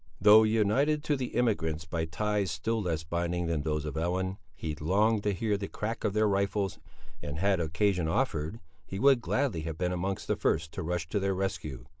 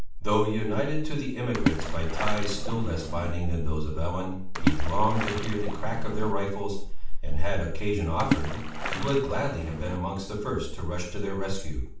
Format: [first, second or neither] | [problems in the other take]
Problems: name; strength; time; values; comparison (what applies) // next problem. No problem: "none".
first | background sound (Splash, splatter); 7 dB below the speech // room echo; dies away in 0.5 s